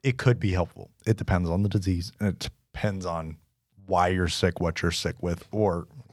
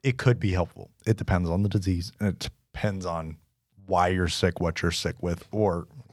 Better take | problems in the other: neither | none

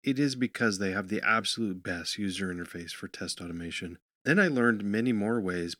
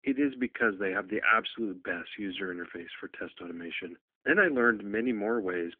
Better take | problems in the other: first | phone-call audio; nothing above 3.5 kHz

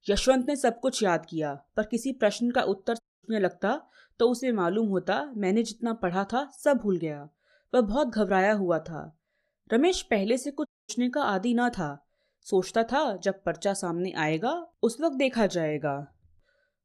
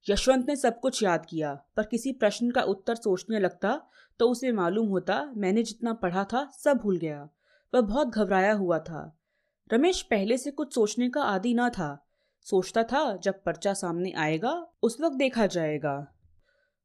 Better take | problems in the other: second | audio cutting out; at 3 s and at 11 s

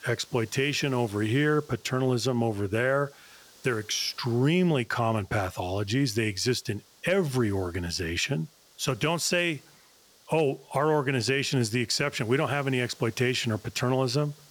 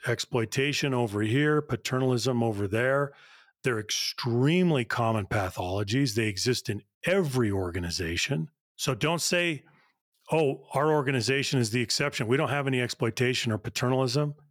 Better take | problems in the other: second | hiss; faint; throughout; 25 dB below the speech

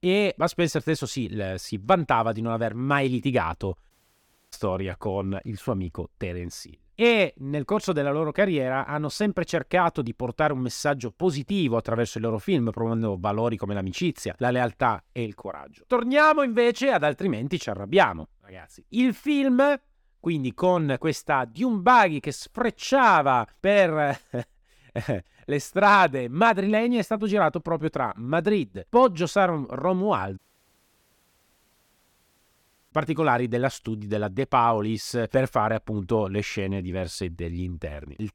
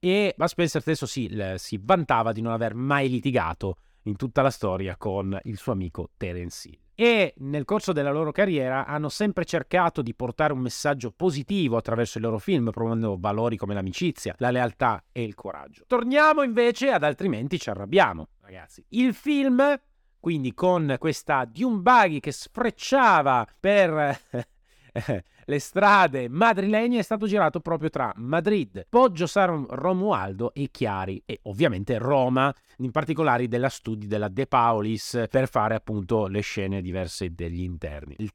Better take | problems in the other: second | audio cutting out; at 4 s for 0.5 s and at 30 s for 2.5 s

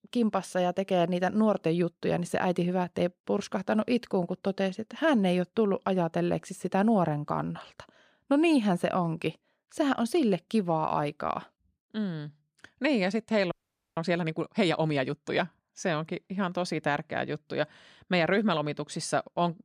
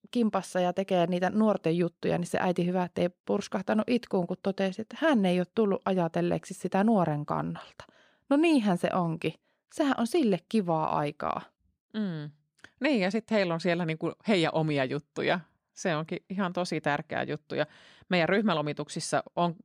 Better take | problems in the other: second | audio freezing; at 14 s

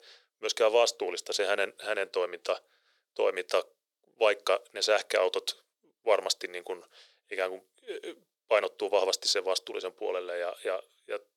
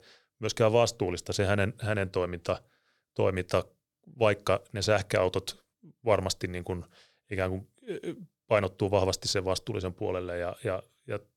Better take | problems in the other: second | thin; very; fading below 450 Hz

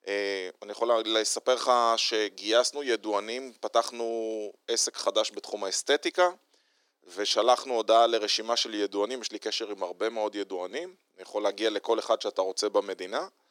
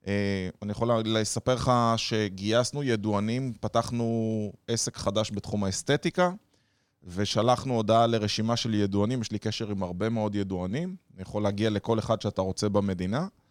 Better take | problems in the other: second | thin; very; fading below 350 Hz

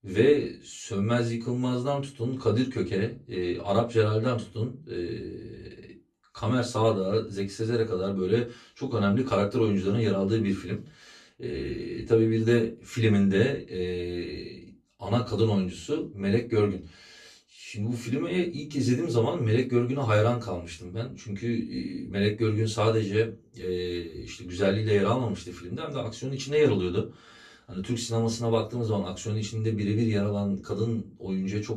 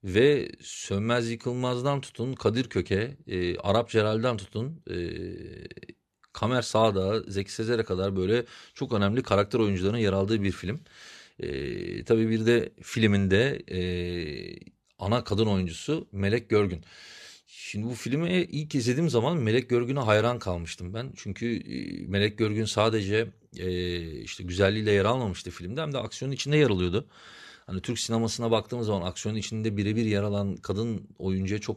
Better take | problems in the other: second | off-mic speech; far // room echo; very slight; dies away in 0.2 s

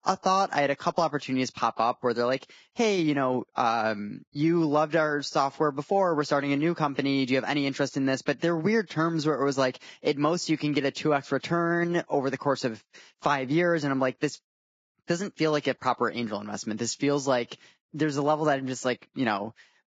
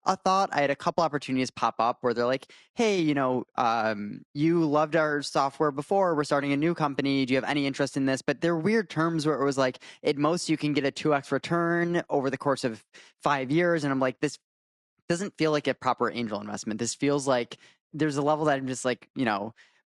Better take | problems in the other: second | garbled, watery; badly; nothing above 7.5 kHz; slightly in the second

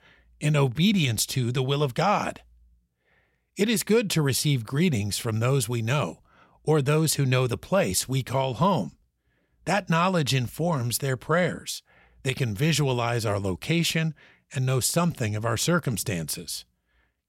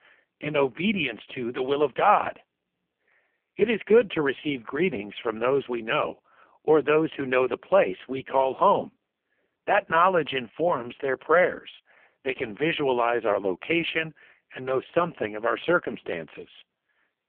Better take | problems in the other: first | phone-call audio; poor line

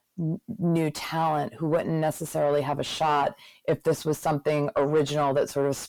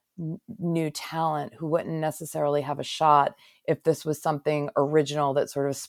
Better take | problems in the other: second | distortion; heavy; 7 dB below the speech

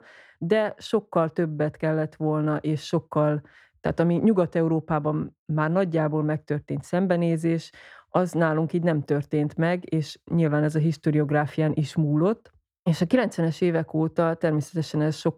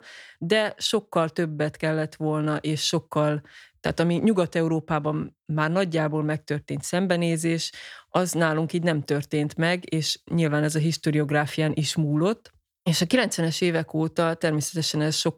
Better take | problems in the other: second | muffled; slightly; fading above 2 kHz

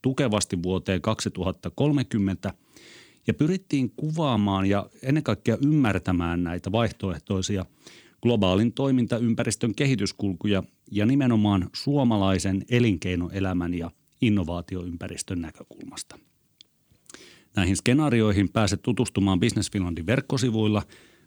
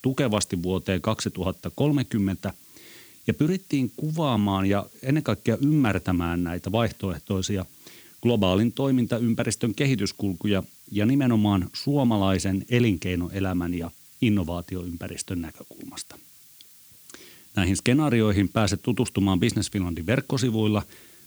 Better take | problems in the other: first | hiss; faint; throughout; 25 dB below the speech

